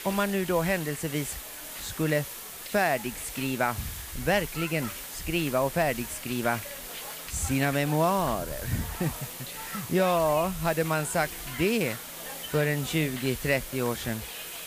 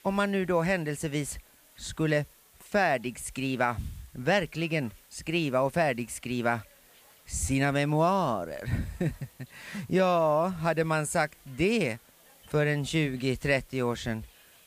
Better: second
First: hiss; loud; throughout; 8 dB below the speech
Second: hiss; faint; throughout; 25 dB below the speech

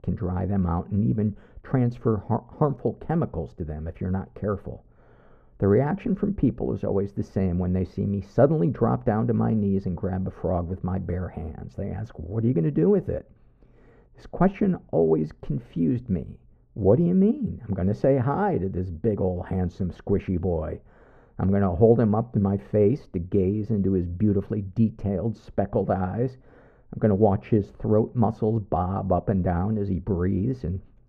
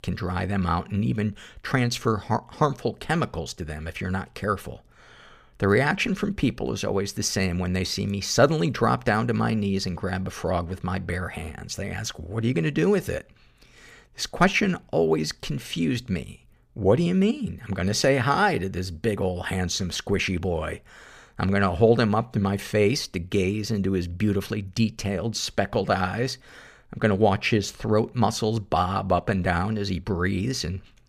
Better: second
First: muffled; very; fading above 2 kHz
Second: none

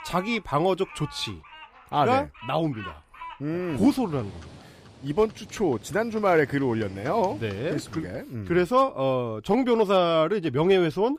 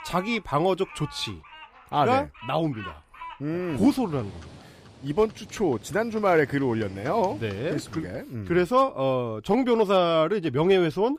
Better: neither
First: animal sounds; noticeable; until 8 s; 20 dB below the speech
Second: animal sounds; noticeable; until 8 s; 20 dB below the speech

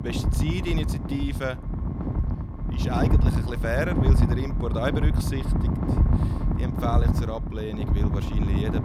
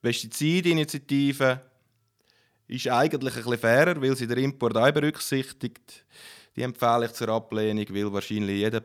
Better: second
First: wind noise on the microphone; heavy; 3 dB below the speech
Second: none

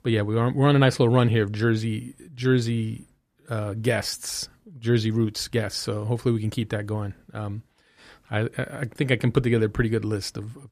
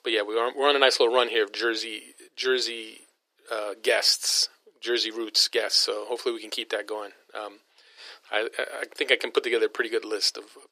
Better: first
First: none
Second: thin; very; fading below 400 Hz

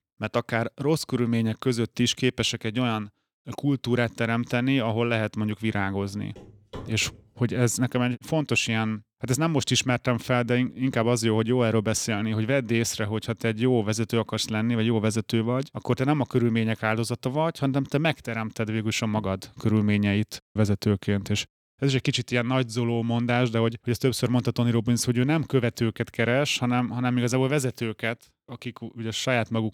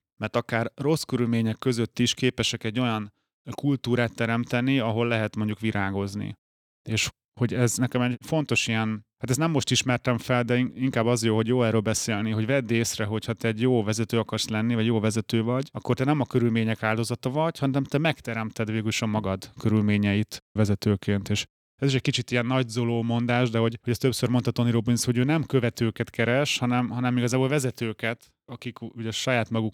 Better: second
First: footsteps; faint; at 6.5 s; peak 15 dB below the speech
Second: none

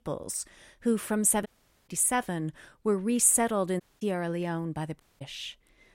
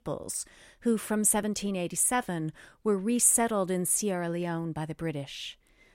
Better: second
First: audio cutting out; at 1.5 s, at 4 s and at 5 s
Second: none

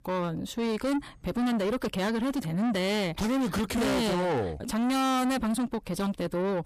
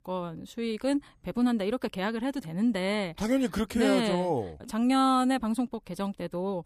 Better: second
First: distortion; heavy; 6 dB below the speech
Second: none

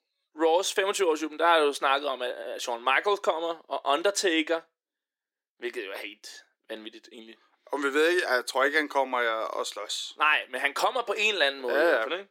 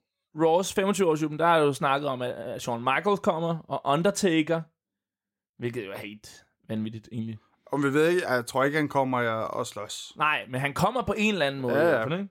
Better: second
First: thin; somewhat; fading below 300 Hz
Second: none

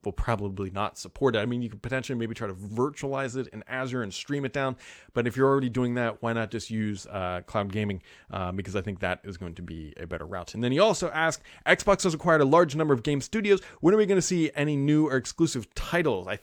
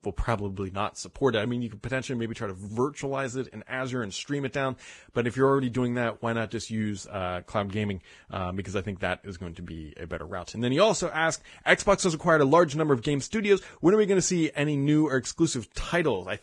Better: first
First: none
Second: garbled, watery; badly

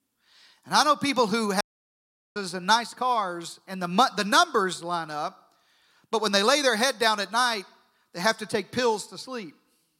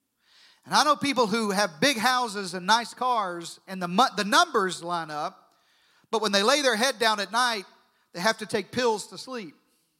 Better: second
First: audio cutting out; at 1.5 s for 0.5 s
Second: none

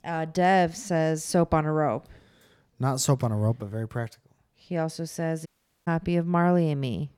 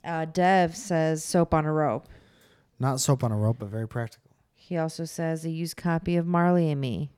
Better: second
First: audio cutting out; at 5.5 s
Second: none

